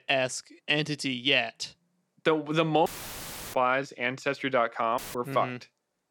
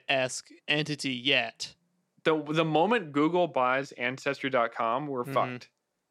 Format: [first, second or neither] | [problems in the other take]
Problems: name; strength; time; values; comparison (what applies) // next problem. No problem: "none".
second | audio cutting out; filled with static; at 3 s for 0.5 s and at 5 s